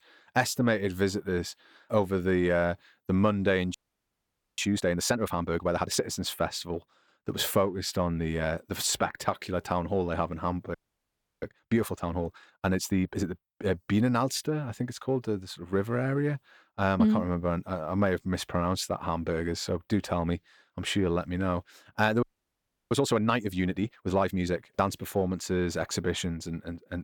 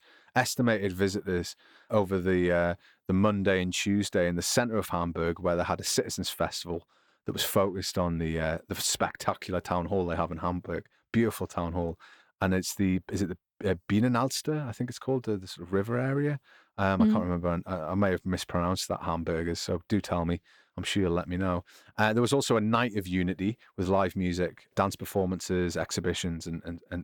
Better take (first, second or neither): second